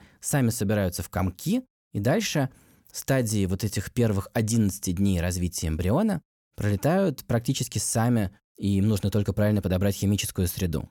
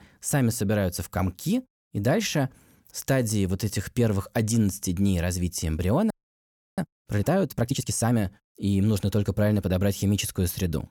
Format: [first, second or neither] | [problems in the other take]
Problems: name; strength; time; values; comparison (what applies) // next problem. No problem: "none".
first | audio freezing; at 6 s for 0.5 s